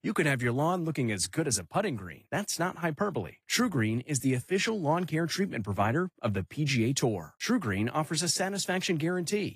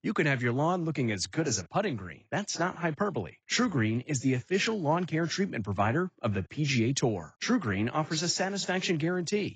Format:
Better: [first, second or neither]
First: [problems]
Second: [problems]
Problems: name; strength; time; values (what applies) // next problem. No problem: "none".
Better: first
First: garbled, watery; slightly; nothing above 15 kHz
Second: garbled, watery; badly; nothing above 7.5 kHz